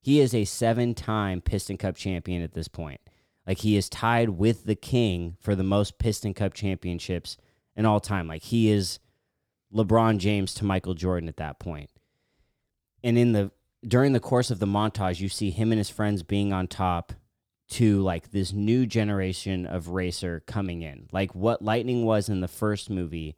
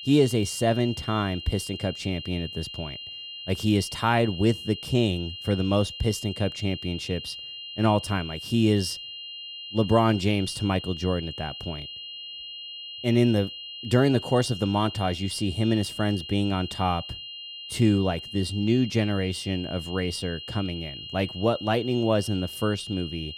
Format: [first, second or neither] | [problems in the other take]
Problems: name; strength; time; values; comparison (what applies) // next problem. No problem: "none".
first | high-pitched whine; noticeable; throughout; 3 kHz, 10 dB below the speech